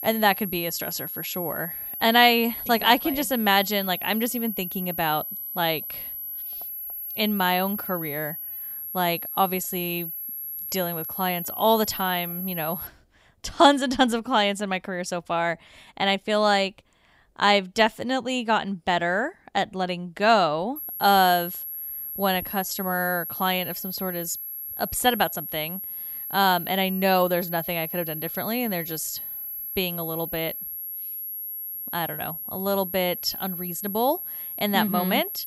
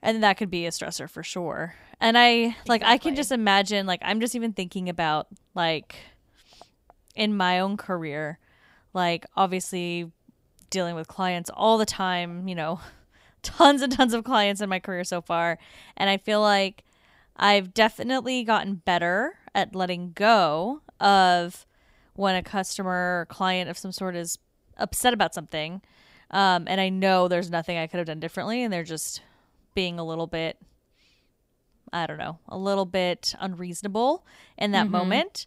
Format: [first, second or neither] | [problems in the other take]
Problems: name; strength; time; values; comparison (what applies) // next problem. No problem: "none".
second | high-pitched whine; loud; until 13 s and from 21 s on; 11.5 kHz, 7 dB below the speech